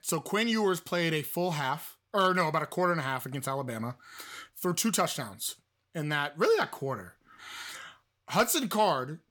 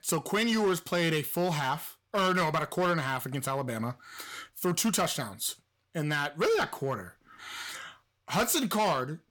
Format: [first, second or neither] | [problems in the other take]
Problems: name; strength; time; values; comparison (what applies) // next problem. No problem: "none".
first | distortion; slight; 7% of the sound clipped